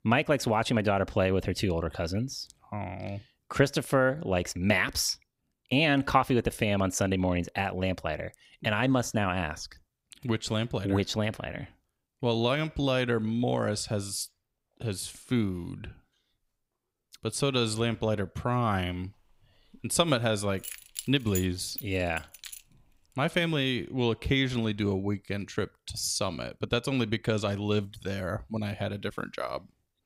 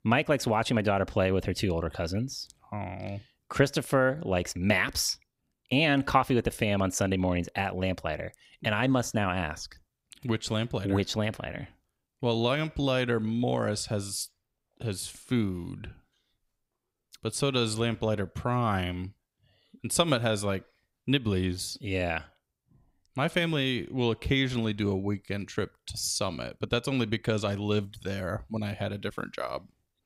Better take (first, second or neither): second